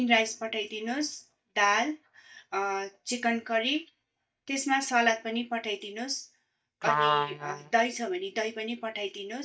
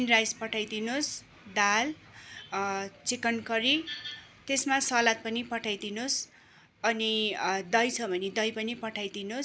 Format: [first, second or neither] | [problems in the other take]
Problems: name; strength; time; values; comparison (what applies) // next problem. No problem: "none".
second | noise reduction (neural mask model DeepFilterNet 3)